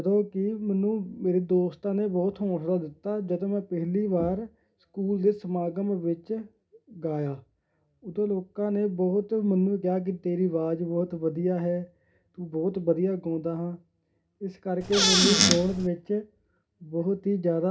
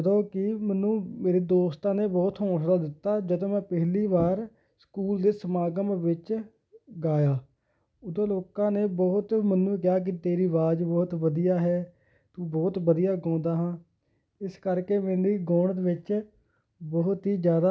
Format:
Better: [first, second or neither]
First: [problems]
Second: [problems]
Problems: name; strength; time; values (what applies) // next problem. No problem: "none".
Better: second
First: background sound (Squeak / Cupboard open or close); 5 dB above the speech // room echo; dies away in 0.3 s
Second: none